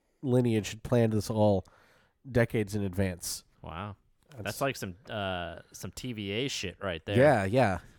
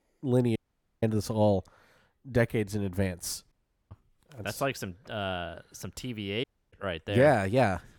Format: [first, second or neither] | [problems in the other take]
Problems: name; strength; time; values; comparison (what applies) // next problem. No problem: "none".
first | audio cutting out; at 0.5 s, at 3.5 s and at 6.5 s